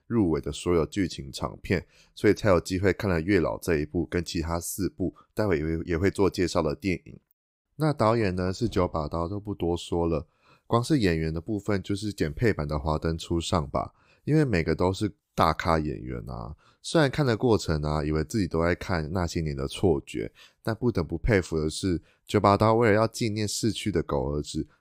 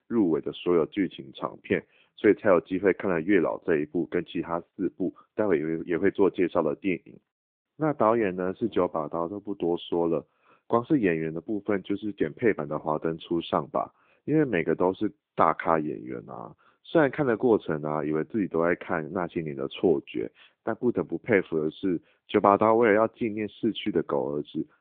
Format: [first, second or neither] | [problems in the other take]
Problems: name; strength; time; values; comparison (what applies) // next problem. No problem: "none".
first | phone-call audio